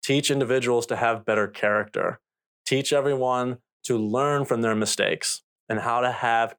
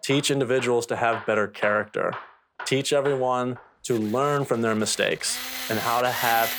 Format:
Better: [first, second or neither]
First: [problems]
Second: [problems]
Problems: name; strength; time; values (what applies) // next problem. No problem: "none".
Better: first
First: none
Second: machinery noise; noticeable; throughout; 10 dB below the speech